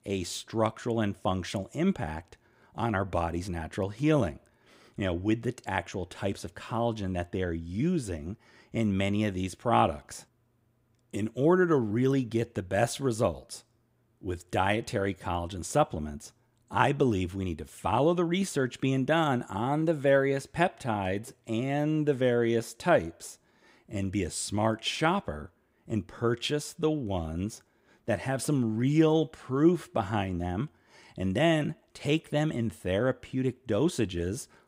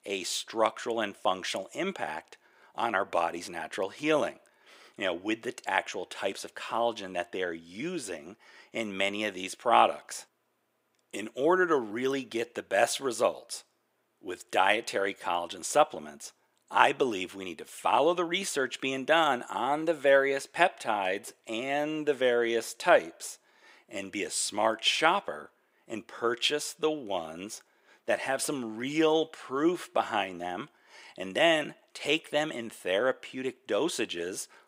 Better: first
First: none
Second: thin; somewhat; fading below 500 Hz

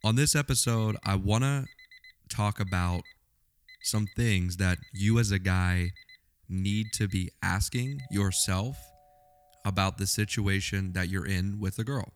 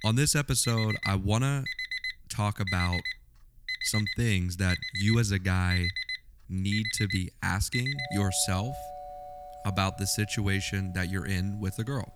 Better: first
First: alarms or sirens; faint; throughout; 25 dB below the speech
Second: alarms or sirens; loud; throughout; 6 dB below the speech

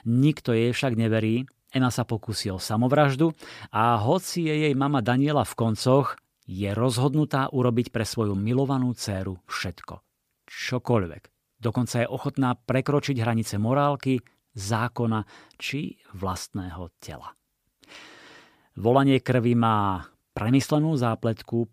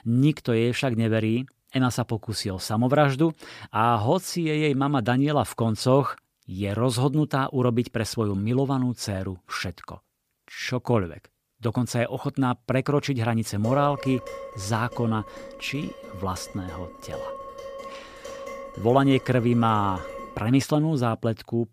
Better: first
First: none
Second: clattering dishes; faint; from 14 to 21 s; peak 10 dB below the speech

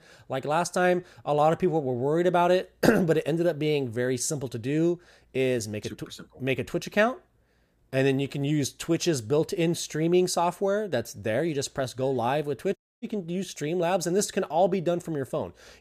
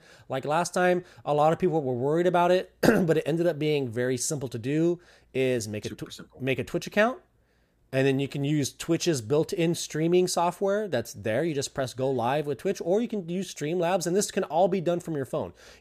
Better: second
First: audio cutting out; at 13 s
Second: none

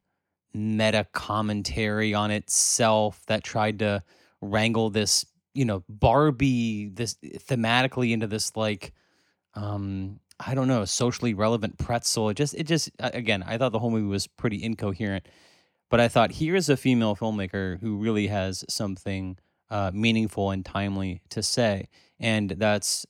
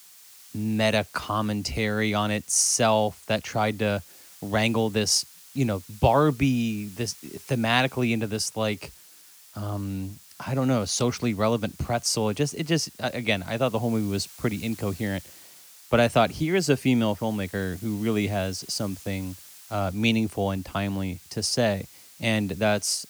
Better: first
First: none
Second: hiss; faint; throughout; 20 dB below the speech

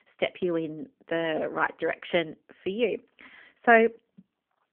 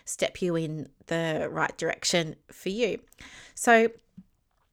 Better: second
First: phone-call audio; nothing above 3.5 kHz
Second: none

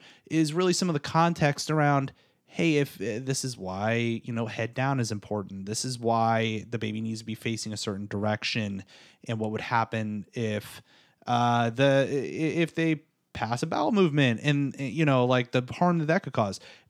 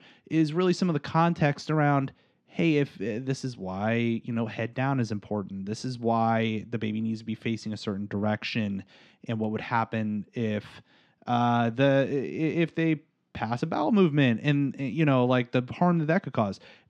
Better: first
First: none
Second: muffled; very slightly; fading above 4 kHz

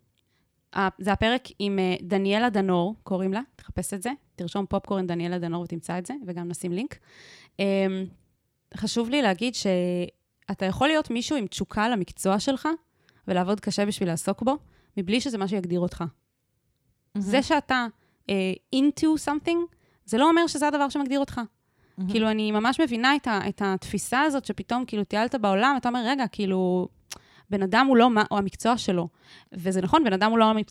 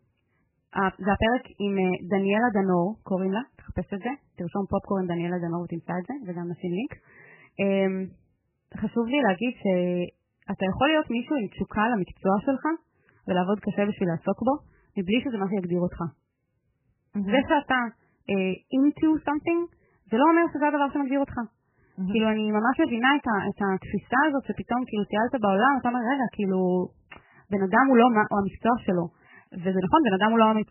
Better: first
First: none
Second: garbled, watery; badly; nothing above 3 kHz

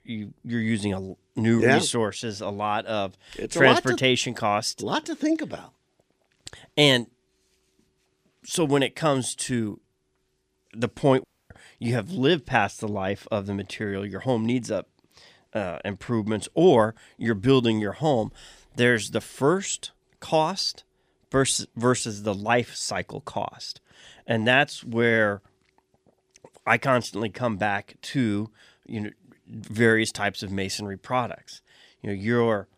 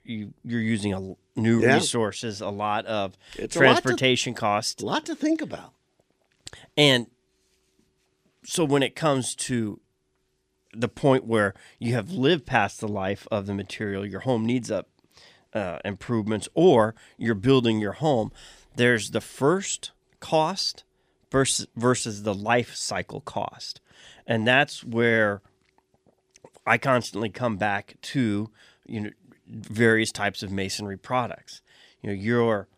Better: second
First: audio cutting out; at 11 s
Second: none

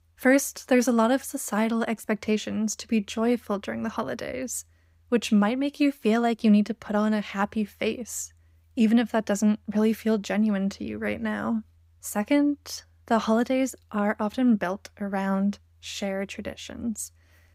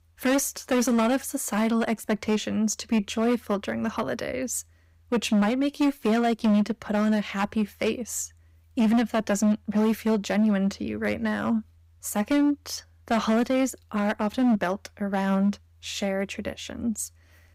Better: first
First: none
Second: distortion; slight; 8% of the sound clipped

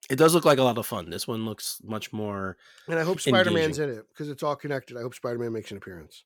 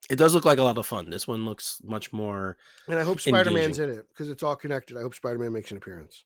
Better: first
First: none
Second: garbled, watery; slightly; nothing above 18 kHz

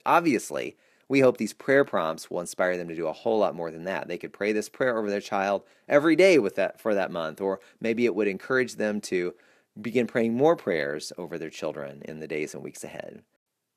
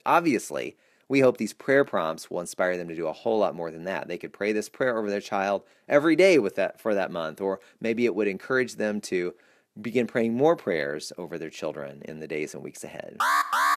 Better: first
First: none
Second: alarm; loud; at 13 s; peak 4 dB above the speech

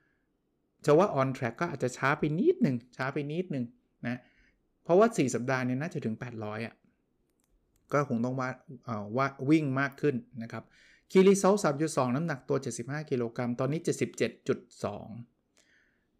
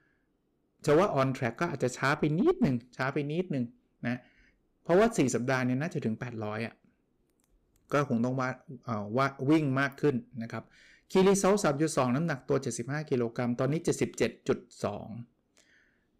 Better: first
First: none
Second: distortion; slight; 4% of the sound clipped

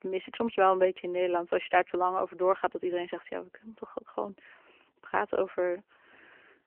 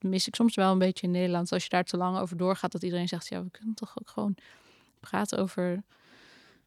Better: second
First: phone-call audio; nothing above 3 kHz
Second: none

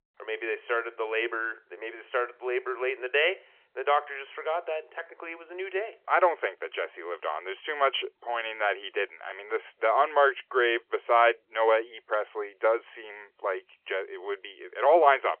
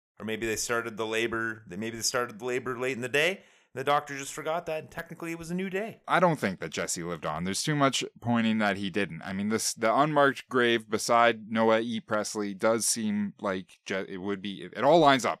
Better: second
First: phone-call audio; nothing above 3 kHz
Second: none

